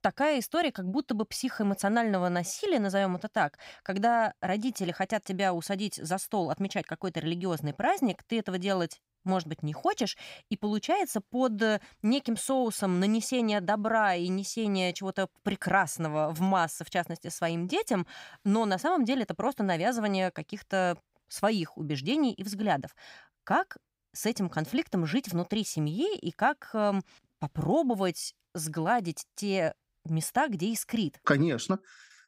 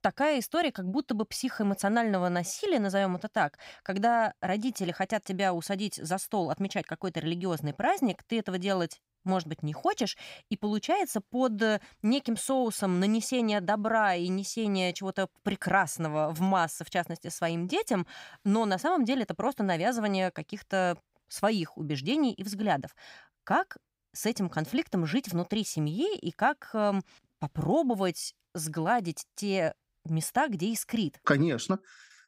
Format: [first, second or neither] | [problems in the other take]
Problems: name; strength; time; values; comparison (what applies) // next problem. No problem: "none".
neither | none